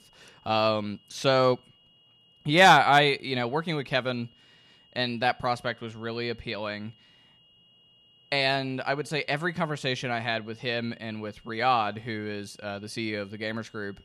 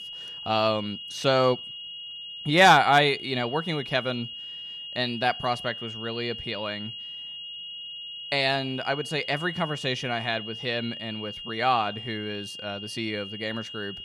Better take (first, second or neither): first